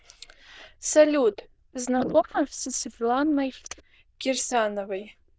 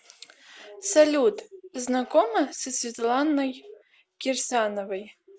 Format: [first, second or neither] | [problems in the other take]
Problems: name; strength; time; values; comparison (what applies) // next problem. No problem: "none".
second | noise reduction (neural diffusion model UNIVERSE++)